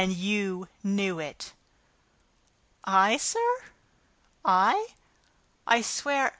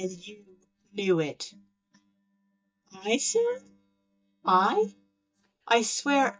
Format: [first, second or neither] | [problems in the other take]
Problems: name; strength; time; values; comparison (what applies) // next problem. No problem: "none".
first | noise reduction (neural mask model DeepFilterNet 3)